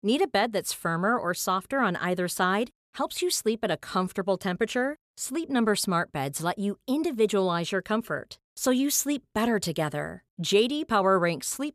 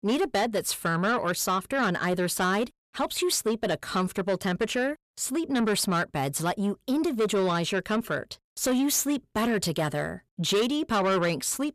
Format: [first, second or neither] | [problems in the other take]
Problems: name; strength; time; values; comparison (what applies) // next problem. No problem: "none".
first | distortion; slight; 10 dB below the speech